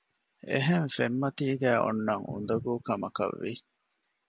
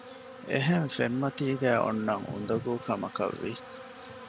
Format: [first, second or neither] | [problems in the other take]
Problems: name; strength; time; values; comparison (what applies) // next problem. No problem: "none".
first | background sound (Insect); 15 dB below the speech